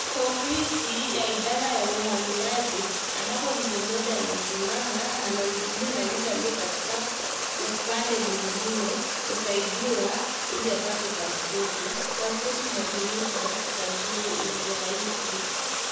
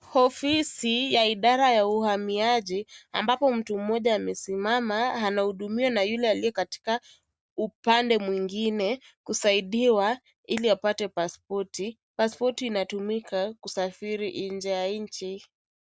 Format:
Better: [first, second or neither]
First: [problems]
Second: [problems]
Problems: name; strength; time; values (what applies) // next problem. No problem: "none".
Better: second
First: background sound (Water); 1 dB above the speech // room echo; dies away in 1.1 s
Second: none